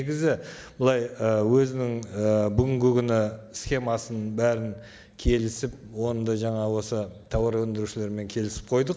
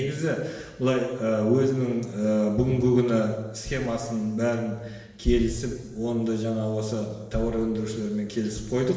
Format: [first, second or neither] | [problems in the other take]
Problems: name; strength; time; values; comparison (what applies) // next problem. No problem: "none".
first | room echo; dies away in 1.1 s